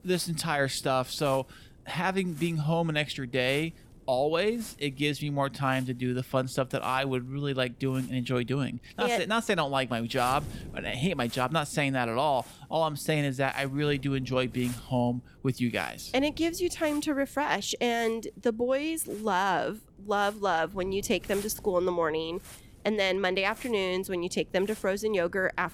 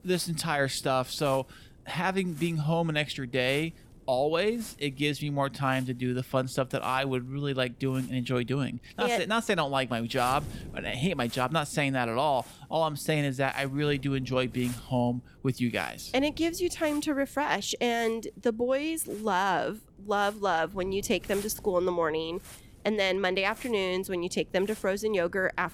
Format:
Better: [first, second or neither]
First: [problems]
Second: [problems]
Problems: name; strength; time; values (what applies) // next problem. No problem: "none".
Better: neither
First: wind noise on the microphone; occasional gusts; 25 dB below the speech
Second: wind noise on the microphone; occasional gusts; 25 dB below the speech